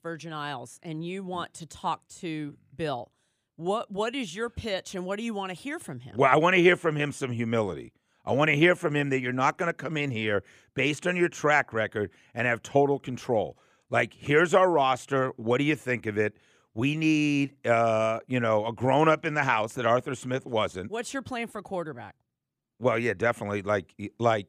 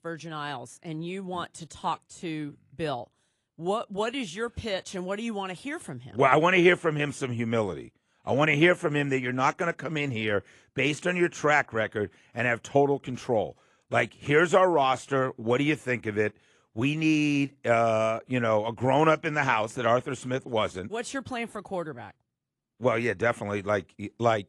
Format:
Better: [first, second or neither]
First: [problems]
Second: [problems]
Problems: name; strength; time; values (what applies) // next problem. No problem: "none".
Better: first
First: none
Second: garbled, watery; slightly; nothing above 11 kHz